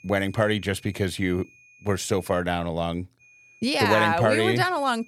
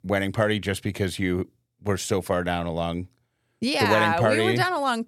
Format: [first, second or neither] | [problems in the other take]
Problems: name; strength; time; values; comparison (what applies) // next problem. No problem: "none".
second | high-pitched whine; faint; until 2.5 s and from 3 s on; 2.5 kHz, 30 dB below the speech